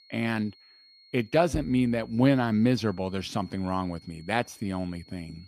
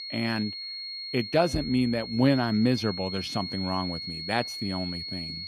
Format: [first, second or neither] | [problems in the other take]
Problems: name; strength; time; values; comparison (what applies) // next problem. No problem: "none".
first | high-pitched whine; loud; throughout; 4.5 kHz, 7 dB below the speech; faint in the first